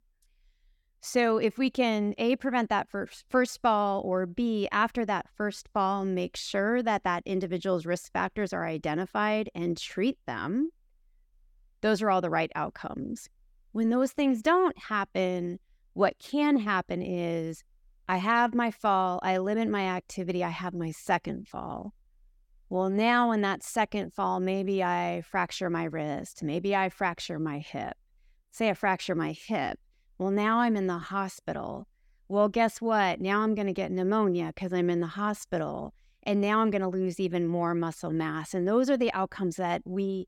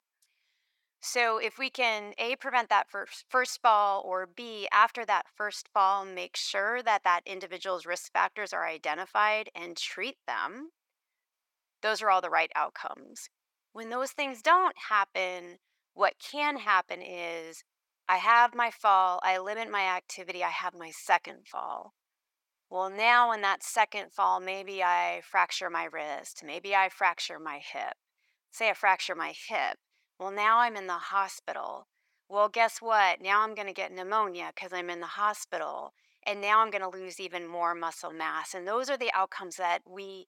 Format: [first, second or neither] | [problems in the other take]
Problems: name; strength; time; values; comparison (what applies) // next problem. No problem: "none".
first | thin; very; fading below 850 Hz